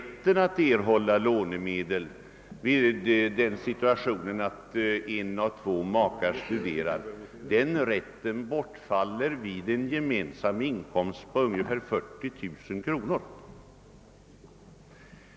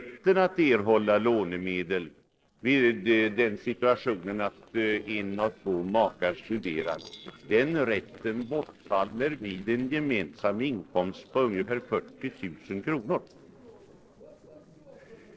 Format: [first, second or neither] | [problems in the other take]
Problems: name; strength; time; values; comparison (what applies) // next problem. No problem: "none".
first | noise reduction (neural separator model SepFormer DNS4)